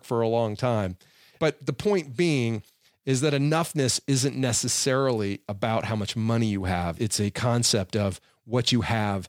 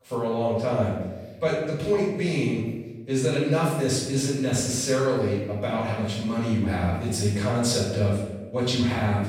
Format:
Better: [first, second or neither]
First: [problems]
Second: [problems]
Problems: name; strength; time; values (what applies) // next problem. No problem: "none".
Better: first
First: none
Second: off-mic speech; far // room echo; noticeable; dies away in 1 s